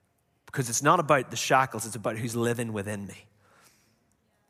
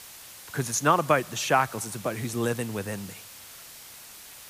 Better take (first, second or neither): first